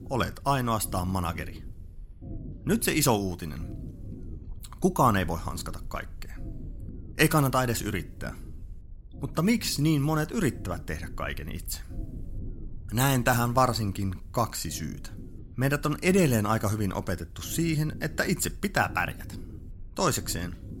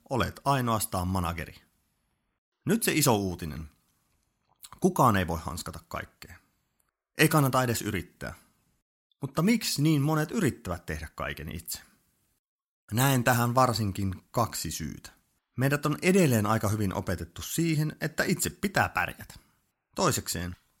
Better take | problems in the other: second | low rumble; faint; throughout; 25 dB below the speech

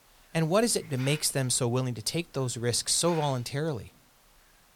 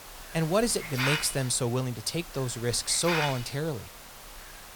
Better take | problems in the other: first | hiss; loud; throughout; 7 dB below the speech; faint in the first

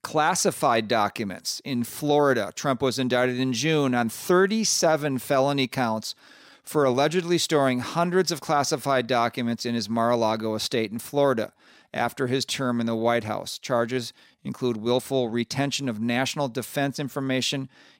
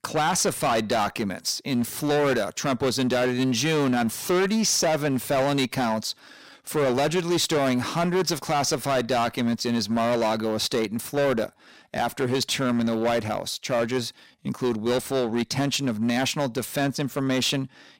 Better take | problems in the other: first | distortion; heavy; 14% of the sound clipped

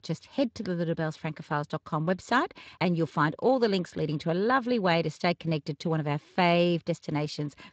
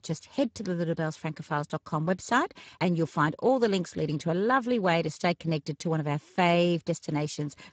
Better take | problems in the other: first | garbled, watery; badly; nothing above 7.5 kHz; slightly in the first

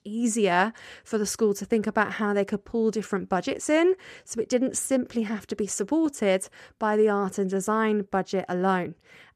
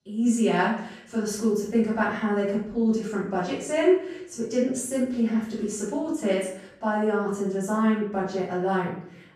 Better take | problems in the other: first | off-mic speech; far // room echo; noticeable; dies away in 0.6 s

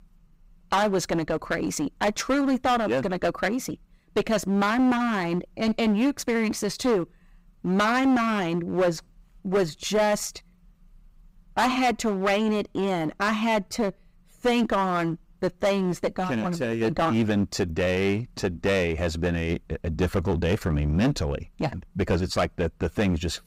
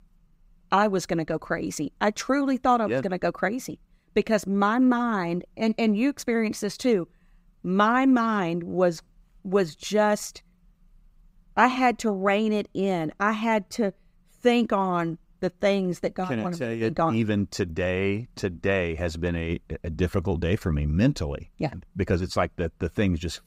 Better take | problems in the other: second | distortion; heavy; 12% of the sound clipped

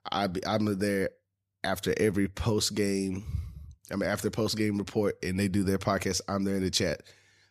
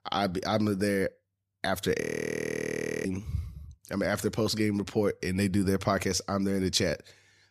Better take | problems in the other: first | audio freezing; at 2 s for 1 s

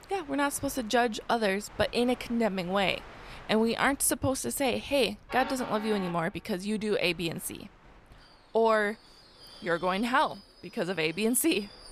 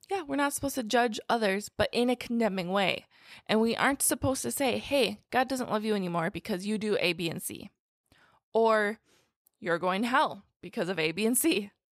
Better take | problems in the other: second | train or aircraft noise; noticeable; throughout; 20 dB below the speech

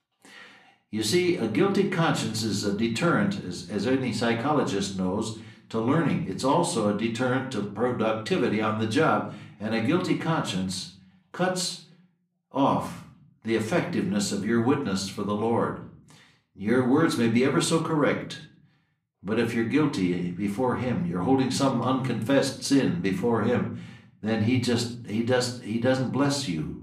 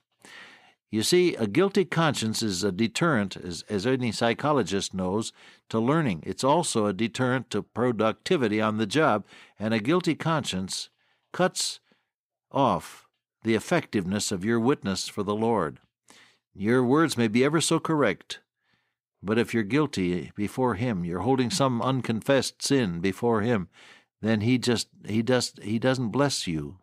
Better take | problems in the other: second | room echo; slight; dies away in 0.5 s // off-mic speech; far

